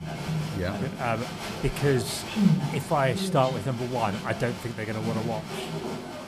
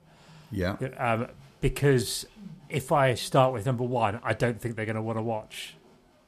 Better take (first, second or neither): second